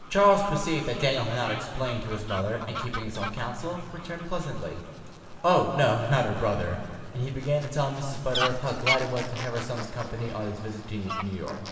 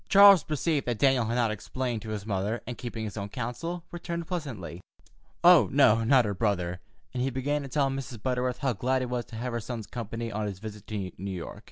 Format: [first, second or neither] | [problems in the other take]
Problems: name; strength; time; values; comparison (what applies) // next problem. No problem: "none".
second | background sound (Fowl); 10 dB below the speech // room echo; dies away in 2.5 s